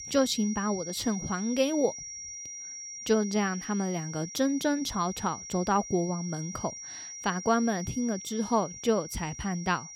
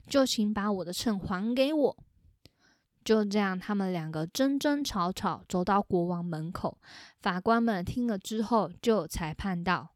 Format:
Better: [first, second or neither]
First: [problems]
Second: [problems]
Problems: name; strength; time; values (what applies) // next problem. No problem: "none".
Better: second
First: high-pitched whine; loud; throughout; 5.5 kHz, 9 dB below the speech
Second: none